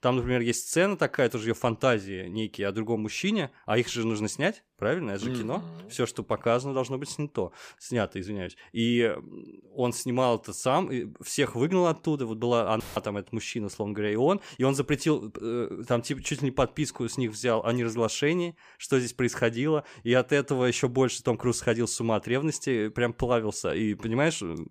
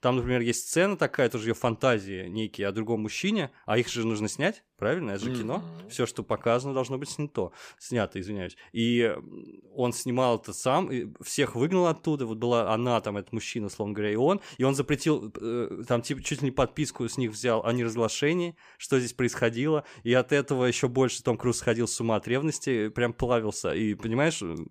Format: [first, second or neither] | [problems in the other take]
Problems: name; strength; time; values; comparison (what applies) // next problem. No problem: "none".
second | audio cutting out; filled with static; at 13 s